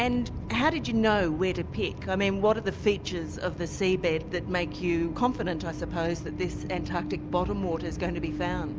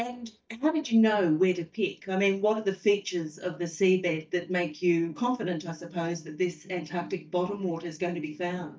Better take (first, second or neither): first